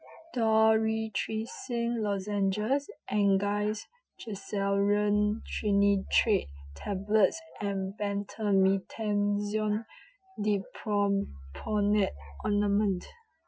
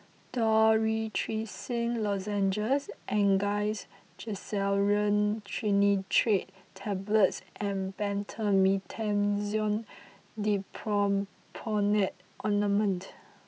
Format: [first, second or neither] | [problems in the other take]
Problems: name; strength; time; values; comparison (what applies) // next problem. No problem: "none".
second | noise reduction (classical method Wiener filter)